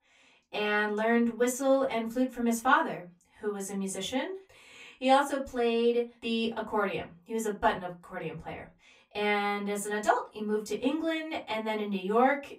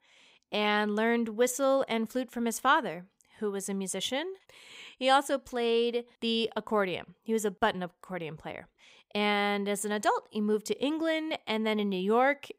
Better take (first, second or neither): second